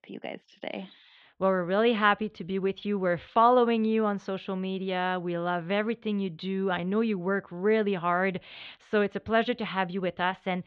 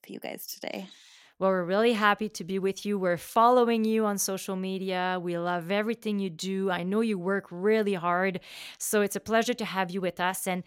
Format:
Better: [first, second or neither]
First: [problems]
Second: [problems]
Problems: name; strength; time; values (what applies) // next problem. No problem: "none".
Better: second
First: muffled; very; fading above 3.5 kHz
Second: none